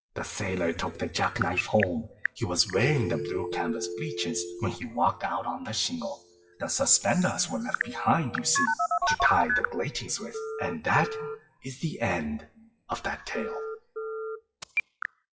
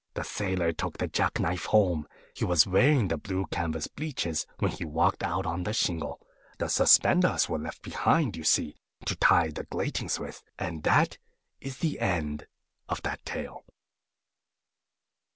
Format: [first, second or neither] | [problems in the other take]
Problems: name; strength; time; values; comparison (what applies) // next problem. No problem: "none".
second | noise reduction (classical method WPE with log-MMSE)